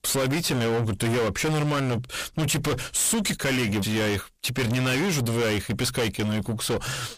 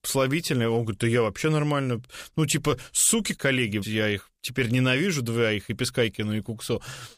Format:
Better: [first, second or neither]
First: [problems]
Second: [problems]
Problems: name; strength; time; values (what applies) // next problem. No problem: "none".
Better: second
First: distortion; heavy; 5 dB below the speech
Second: none